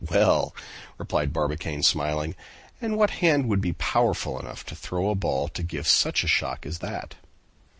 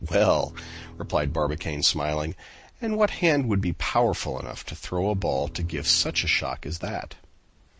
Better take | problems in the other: first | background sound (Bowed string instrument); 20 dB below the speech

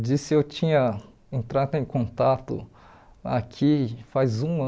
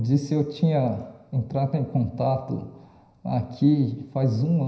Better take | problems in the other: first | room echo; dies away in 0.9 s

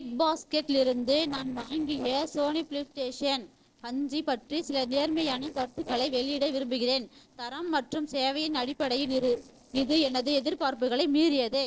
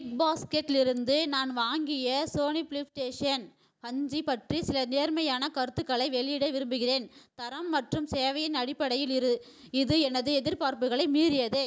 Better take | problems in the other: second | noise reduction (neural separator model SepFormer DNS4)

